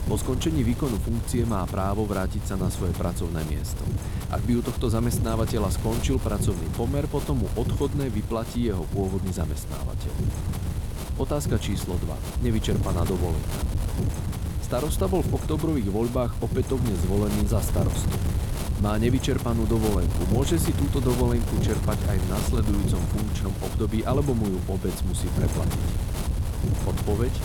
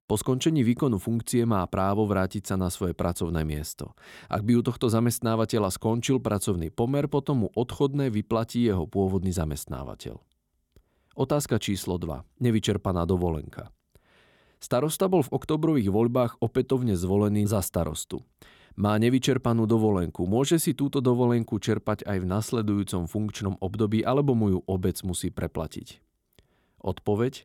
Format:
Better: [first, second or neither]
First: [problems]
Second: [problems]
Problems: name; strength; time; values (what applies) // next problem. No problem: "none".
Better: second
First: wind noise on the microphone; heavy; 6 dB below the speech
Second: none